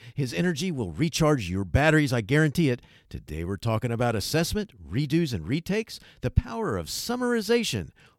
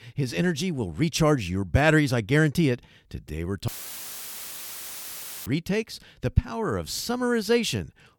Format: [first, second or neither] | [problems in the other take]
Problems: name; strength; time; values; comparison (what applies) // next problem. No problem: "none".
first | audio cutting out; filled with static; at 3.5 s for 2 s